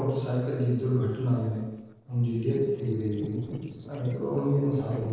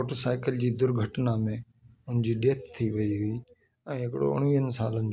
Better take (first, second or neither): second